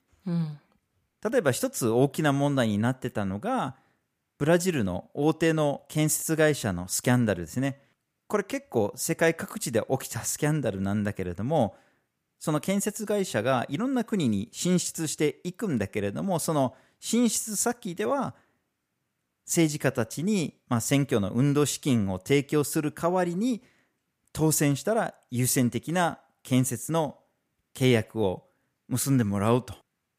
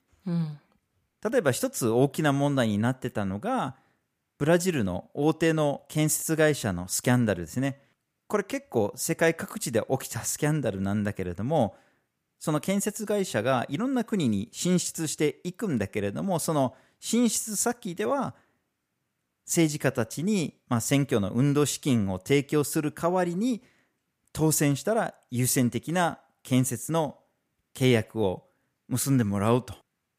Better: neither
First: none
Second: none

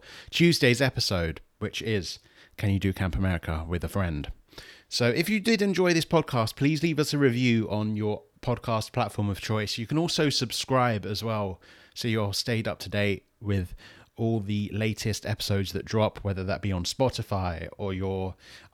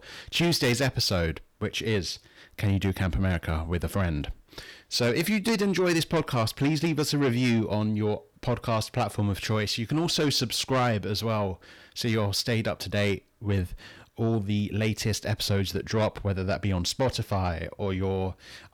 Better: first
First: none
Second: distortion; slight; 10 dB below the speech

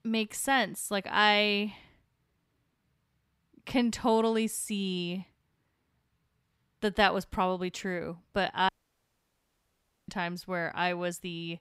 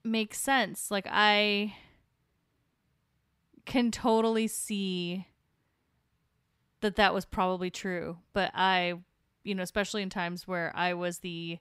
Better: second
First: audio cutting out; at 8.5 s for 1.5 s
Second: none

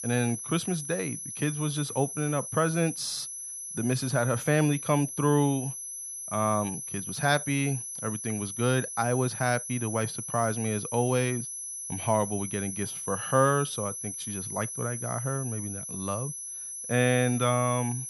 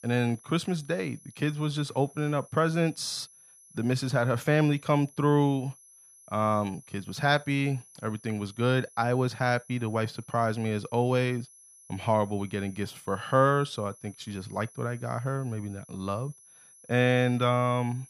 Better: second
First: high-pitched whine; loud; throughout; 11 kHz, 6 dB below the speech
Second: high-pitched whine; faint; throughout; 11 kHz, 25 dB below the speech

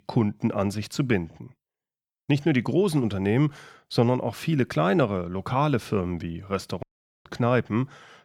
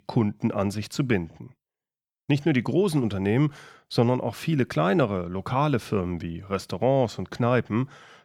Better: second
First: audio cutting out; at 7 s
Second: none

